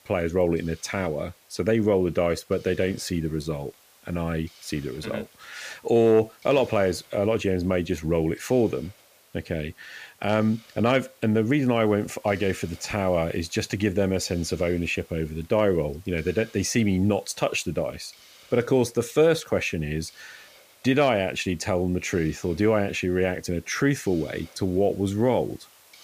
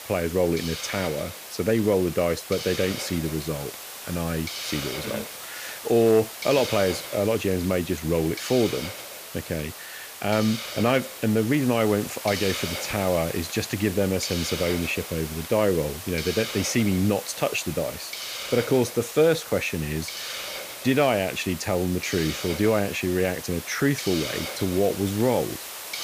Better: first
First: hiss; faint; throughout; 25 dB below the speech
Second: hiss; loud; throughout; 8 dB below the speech

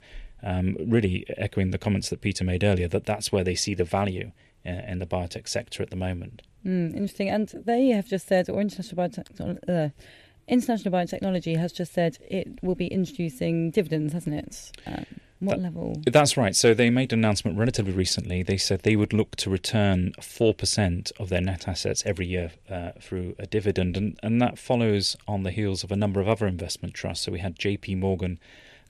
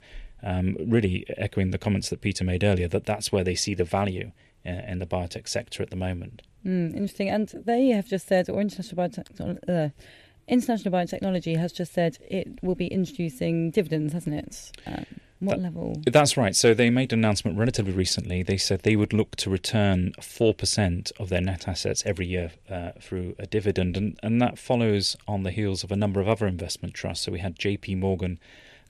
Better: neither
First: none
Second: none

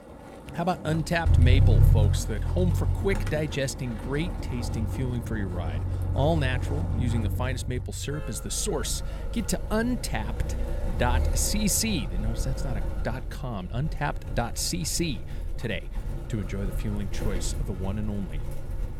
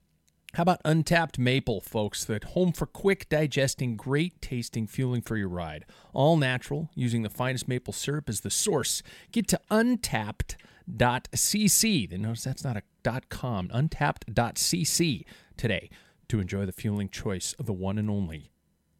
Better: second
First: traffic noise; very loud; throughout; as loud as the speech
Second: none

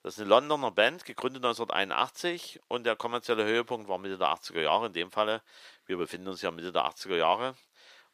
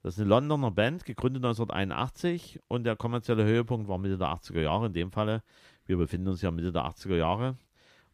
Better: second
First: thin; very; fading below 550 Hz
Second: none

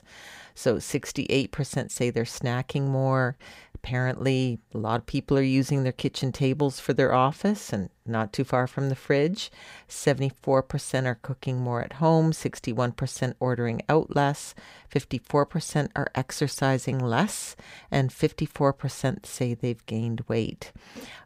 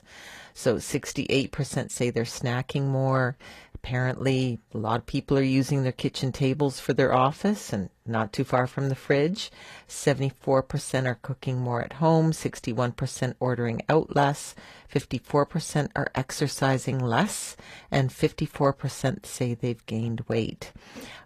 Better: first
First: none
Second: garbled, watery; slightly; nothing above 14.5 kHz

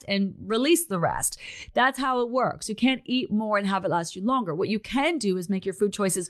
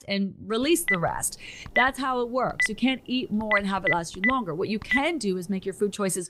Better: first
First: none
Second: phone ringing; loud; from 0.5 to 5 s; peak 1 dB above the speech

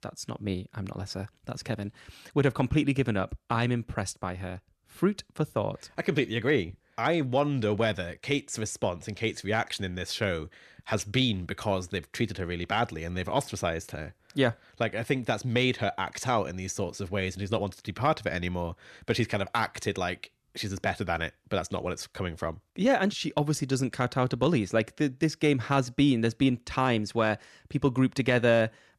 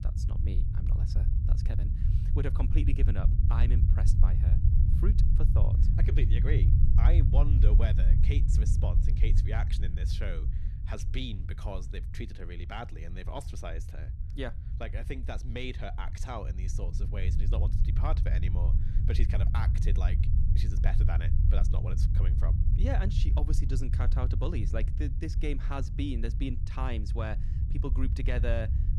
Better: first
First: none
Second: low rumble; loud; throughout; 4 dB below the speech

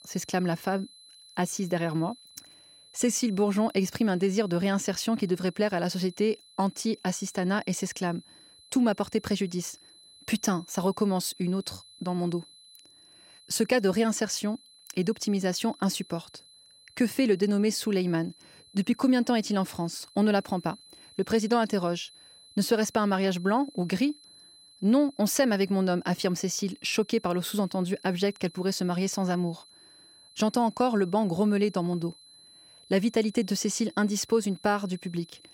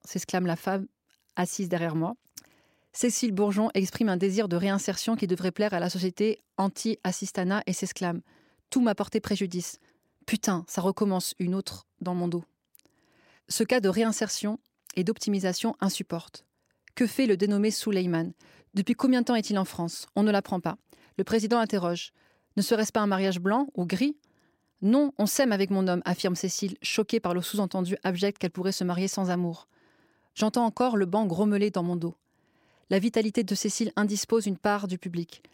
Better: second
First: high-pitched whine; faint; throughout; 4 kHz, 25 dB below the speech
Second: none

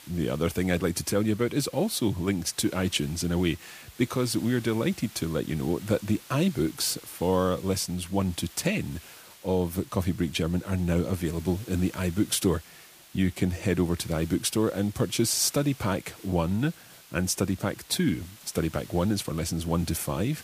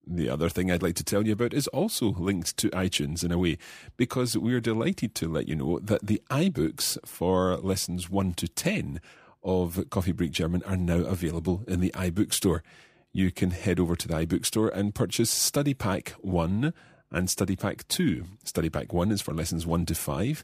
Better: second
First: hiss; noticeable; throughout; 20 dB below the speech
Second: none

